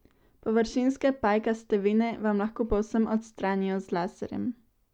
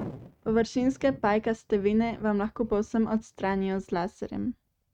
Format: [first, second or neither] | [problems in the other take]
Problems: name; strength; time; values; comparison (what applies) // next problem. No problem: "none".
first | noise reduction (neural mask model RNNoise)